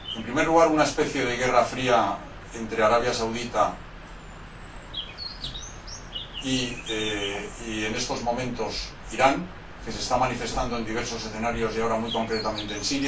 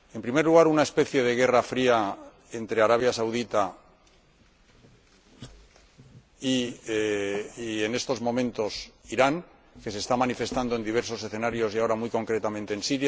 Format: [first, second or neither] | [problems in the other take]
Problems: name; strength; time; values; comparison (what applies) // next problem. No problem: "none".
second | background sound (Bird); 13 dB below the speech // room echo; dies away in 0.2 s